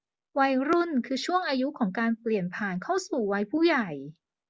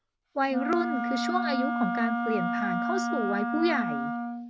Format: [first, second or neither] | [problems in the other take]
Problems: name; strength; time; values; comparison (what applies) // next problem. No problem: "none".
first | background sound (Wind instrument, woodwind instrument); as loud as the speech